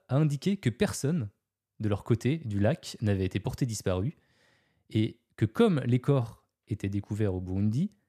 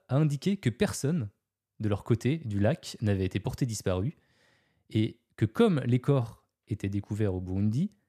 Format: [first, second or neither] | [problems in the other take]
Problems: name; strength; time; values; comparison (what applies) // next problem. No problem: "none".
neither | none